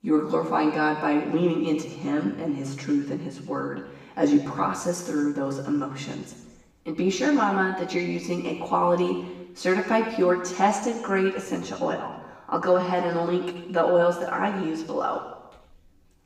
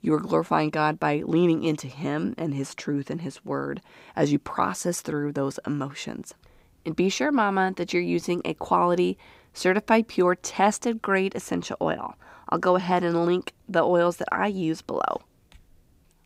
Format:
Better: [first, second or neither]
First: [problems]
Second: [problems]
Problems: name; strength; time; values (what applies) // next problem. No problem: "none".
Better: second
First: room echo; noticeable; dies away in 1 s // off-mic speech; far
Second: none